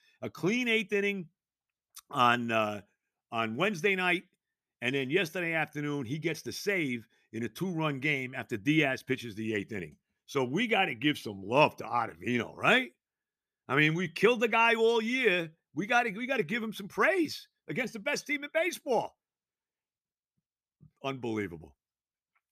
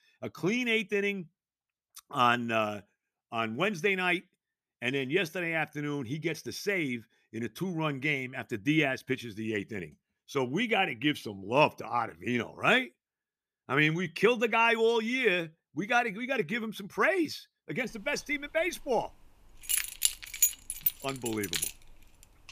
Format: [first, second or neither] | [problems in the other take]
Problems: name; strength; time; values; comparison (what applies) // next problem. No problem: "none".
first | jangling keys; loud; from 20 to 22 s; peak 3 dB above the speech